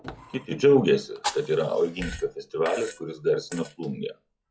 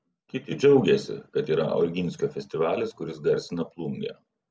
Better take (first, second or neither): second